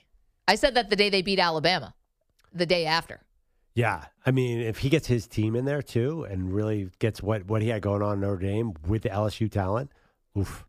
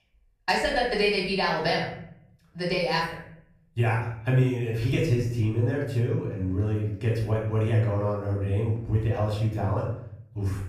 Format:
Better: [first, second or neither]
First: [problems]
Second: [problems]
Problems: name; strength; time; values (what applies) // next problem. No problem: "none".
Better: first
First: none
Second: off-mic speech; far // room echo; noticeable; dies away in 0.7 s